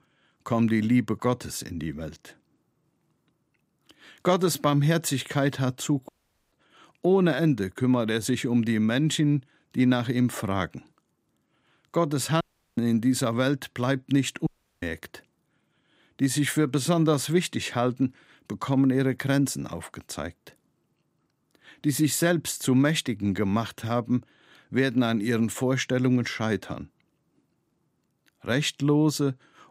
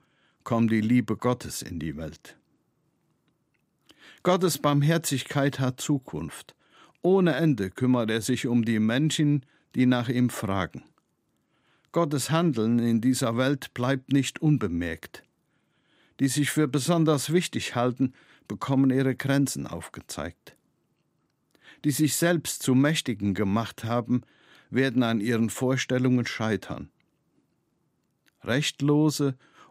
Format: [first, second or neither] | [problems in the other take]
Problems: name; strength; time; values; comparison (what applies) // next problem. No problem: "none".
second | audio cutting out; at 6 s, at 12 s and at 14 s